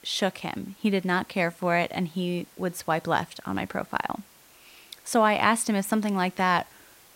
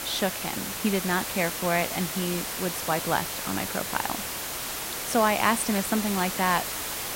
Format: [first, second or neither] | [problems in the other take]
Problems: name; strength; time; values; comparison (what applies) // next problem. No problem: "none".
first | hiss; loud; throughout; 3 dB below the speech; faint in the first